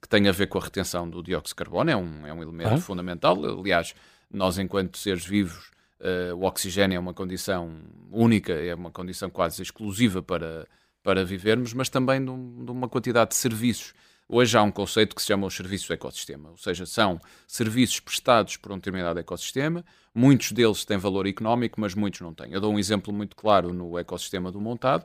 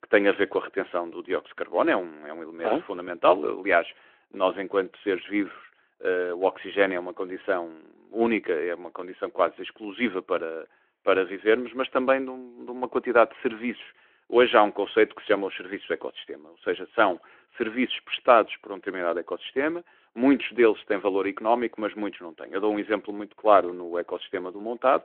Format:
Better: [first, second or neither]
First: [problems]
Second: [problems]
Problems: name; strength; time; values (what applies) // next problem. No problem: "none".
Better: first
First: none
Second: phone-call audio